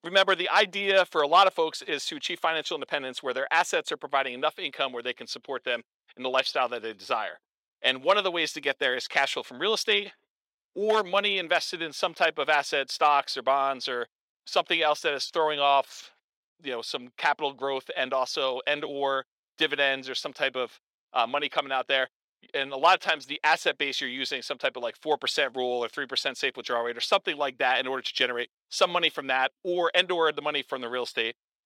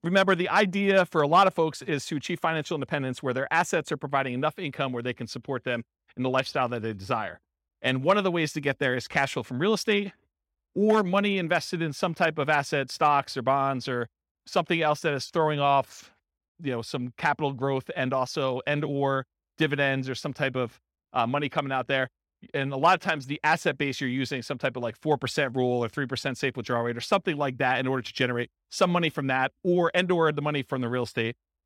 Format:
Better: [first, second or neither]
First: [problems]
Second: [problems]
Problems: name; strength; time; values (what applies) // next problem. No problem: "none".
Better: second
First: thin; somewhat; fading below 500 Hz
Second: none